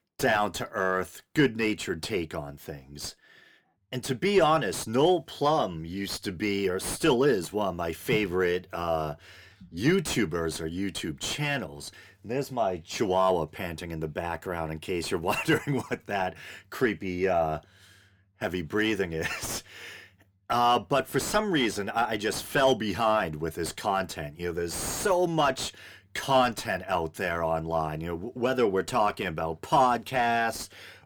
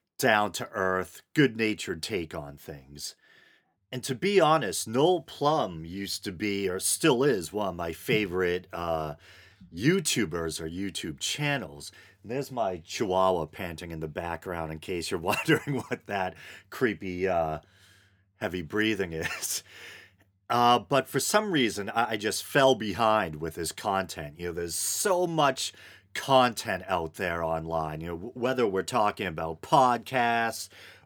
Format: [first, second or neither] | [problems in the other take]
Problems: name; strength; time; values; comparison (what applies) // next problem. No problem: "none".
second | distortion; slight; 10 dB below the speech